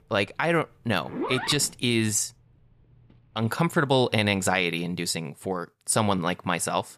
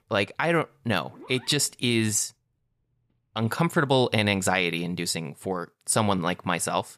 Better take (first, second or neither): second